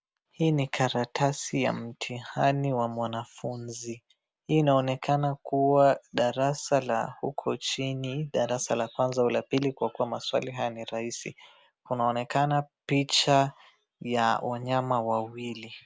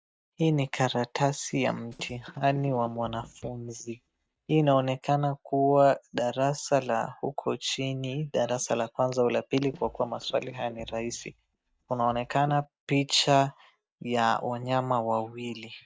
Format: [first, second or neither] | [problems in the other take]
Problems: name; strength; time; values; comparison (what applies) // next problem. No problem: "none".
first | noise reduction (neural mask model DeepFilterNet 3)